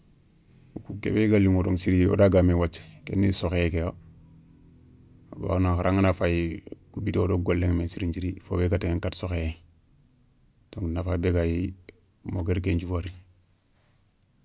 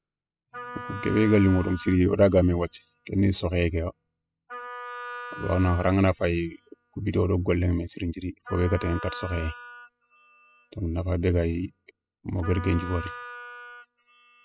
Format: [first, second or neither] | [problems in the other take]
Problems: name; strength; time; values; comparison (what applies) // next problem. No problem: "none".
first | noise reduction (classical method spectral subtraction)